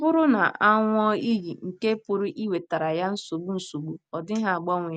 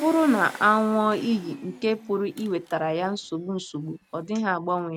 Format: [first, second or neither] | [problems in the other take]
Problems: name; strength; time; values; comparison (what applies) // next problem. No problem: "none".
first | background sound (Engine); 19 dB below the speech